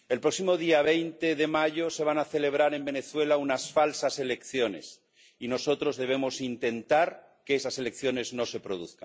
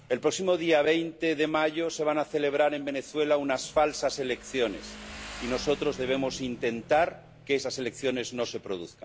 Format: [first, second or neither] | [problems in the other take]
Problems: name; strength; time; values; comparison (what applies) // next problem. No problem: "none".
first | background sound (Motorcycle); 19 dB below the speech